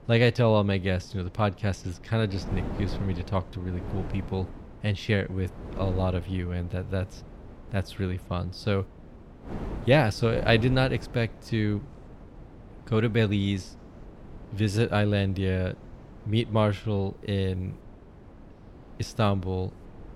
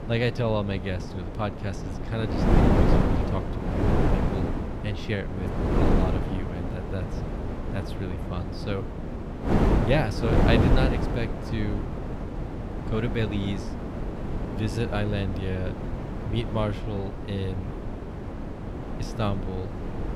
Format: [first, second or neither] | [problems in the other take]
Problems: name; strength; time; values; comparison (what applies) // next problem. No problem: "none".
first | wind noise on the microphone; heavy; as loud as the speech; occasional gusts in the first